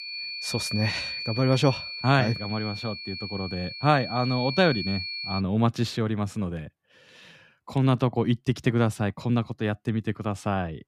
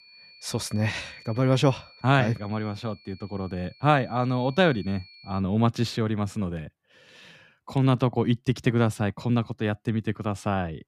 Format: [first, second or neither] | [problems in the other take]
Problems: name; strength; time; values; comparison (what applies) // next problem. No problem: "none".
second | high-pitched whine; loud; until 5.5 s; 4.5 kHz, 6 dB below the speech; faint in the second